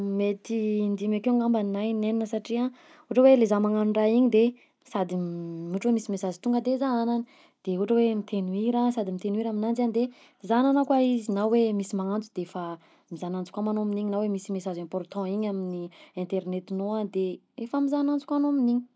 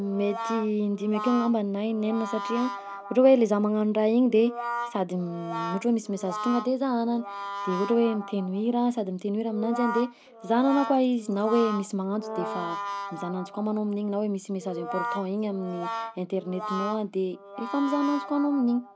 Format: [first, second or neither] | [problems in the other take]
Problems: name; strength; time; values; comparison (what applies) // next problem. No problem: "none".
first | background sound (Brass instrument + Brass instrument); 10 dB below the speech